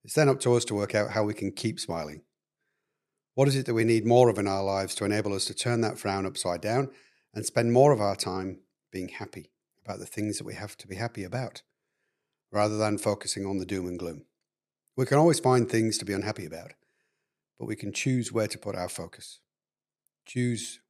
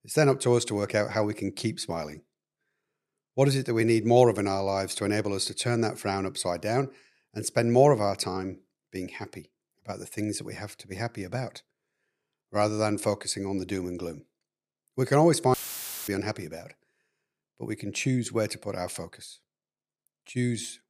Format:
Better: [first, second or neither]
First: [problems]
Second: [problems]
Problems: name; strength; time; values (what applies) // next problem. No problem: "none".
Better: first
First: none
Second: audio cutting out; filled with static; at 16 s for 0.5 s